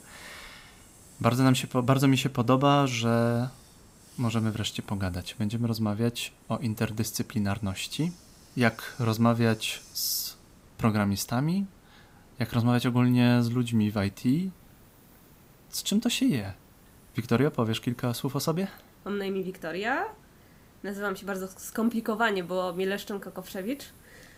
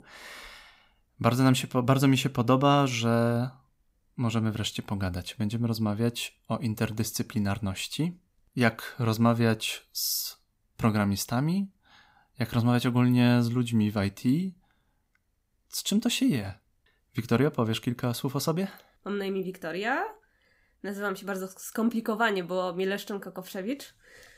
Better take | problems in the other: second | hiss; faint; throughout; 25 dB below the speech

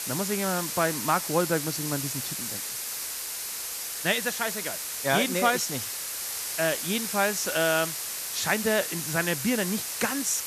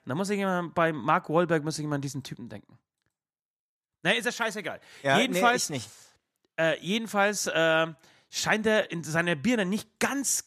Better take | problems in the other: second | hiss; loud; throughout; 3 dB below the speech

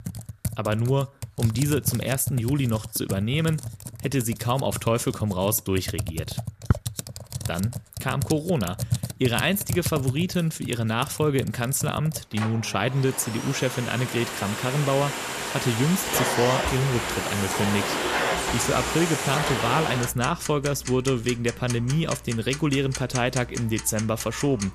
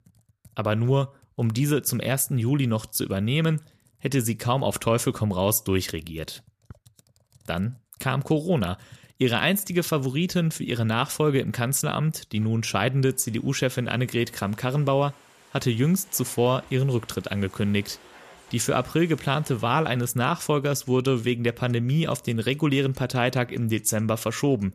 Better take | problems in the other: second | household noises; loud; throughout; 5 dB below the speech; faint in the second

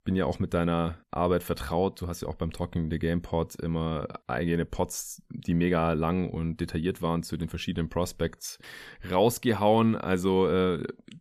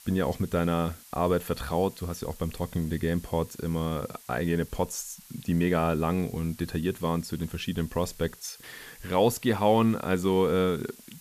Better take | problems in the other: first | hiss; faint; throughout; 20 dB below the speech

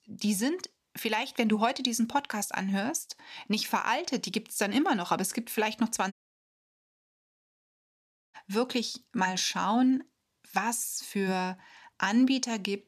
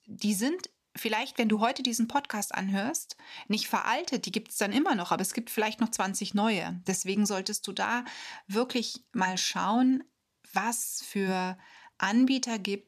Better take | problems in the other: second | audio cutting out; at 6 s for 2 s

